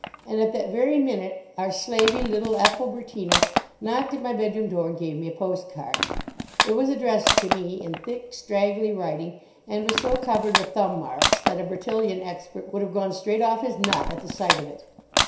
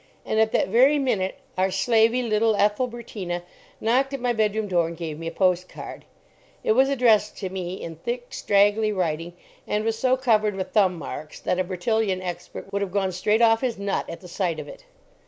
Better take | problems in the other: second | background sound (Crushing); 3 dB below the speech // room echo; dies away in 0.7 s

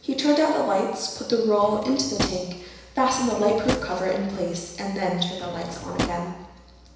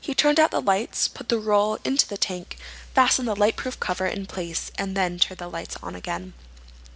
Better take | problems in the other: second | background sound (Drawer open or close); 9 dB below the speech // room echo; dies away in 1 s

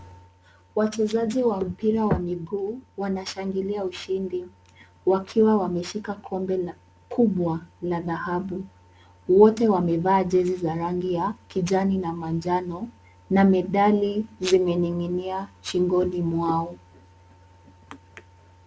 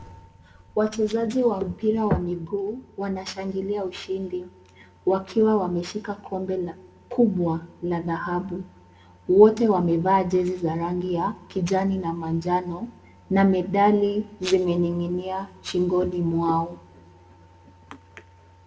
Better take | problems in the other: first | room echo; dies away in 0.8 s

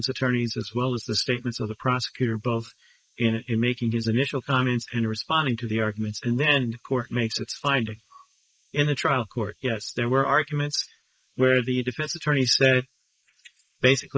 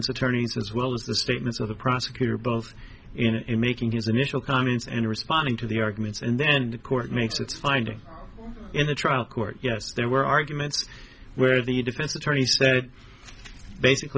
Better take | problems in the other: second | noise reduction (neural mask model Resemble Enhance denoiser)

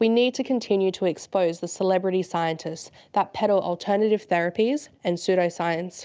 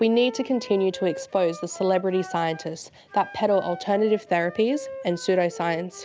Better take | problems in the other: first | background sound (Wind instrument, woodwind instrument); 16 dB below the speech

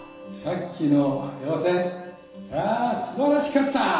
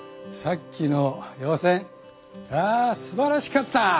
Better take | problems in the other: second | room echo; dies away in 1.1 s

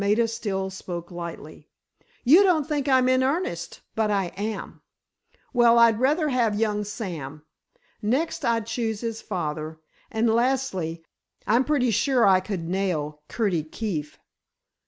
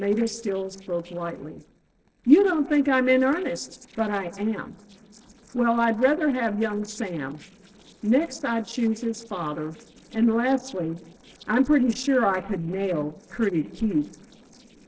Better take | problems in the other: first | noise reduction (neural separator model SepFormer DNS4)

